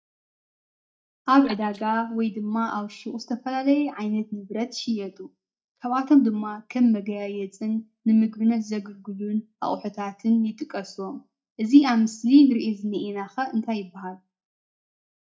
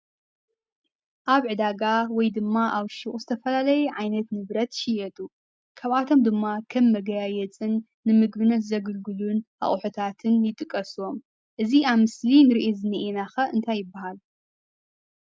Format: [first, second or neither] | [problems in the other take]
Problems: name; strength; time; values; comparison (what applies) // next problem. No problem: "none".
second | noise reduction (neural mask model DeepFilterNet 3)